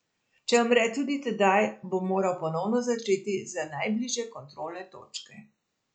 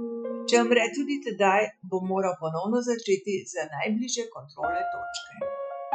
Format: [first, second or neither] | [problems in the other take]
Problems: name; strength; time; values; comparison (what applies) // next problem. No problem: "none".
first | noise reduction (classical method spectral subtraction)